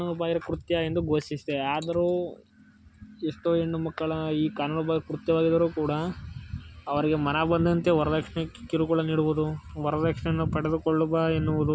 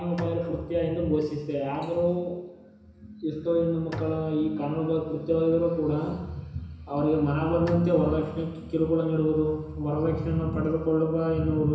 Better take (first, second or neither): first